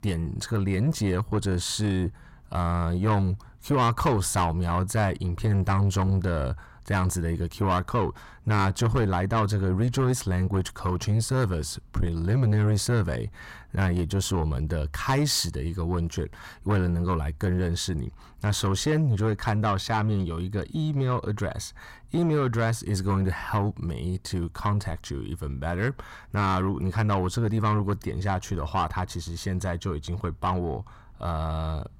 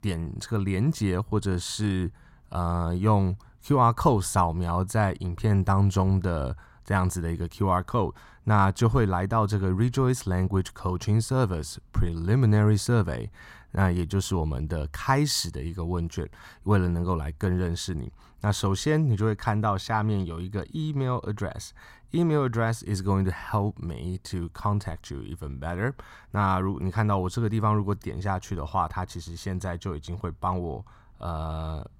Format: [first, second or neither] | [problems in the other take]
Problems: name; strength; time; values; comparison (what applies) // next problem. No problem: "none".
second | distortion; slight; 10 dB below the speech